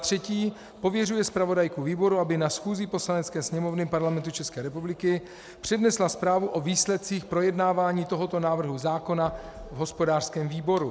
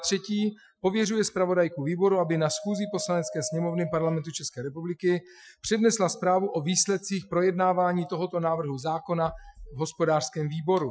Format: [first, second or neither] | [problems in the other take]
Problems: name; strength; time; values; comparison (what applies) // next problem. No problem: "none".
first | noise reduction (classical method Wiener filter)